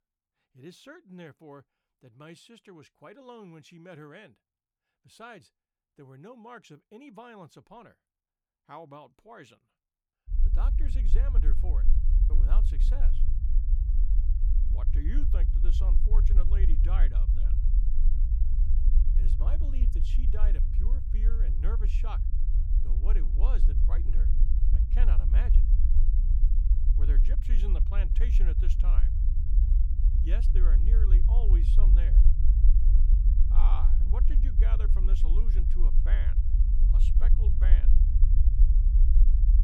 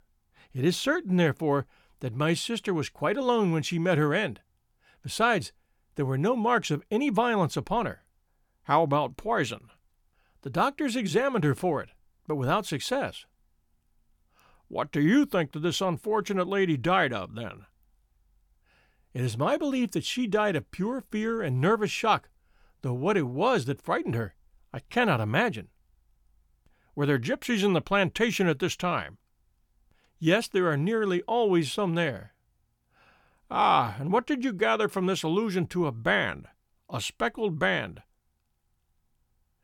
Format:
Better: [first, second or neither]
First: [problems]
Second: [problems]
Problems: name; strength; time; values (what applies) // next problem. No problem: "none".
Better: second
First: low rumble; loud; from 10 s on; 2 dB below the speech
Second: none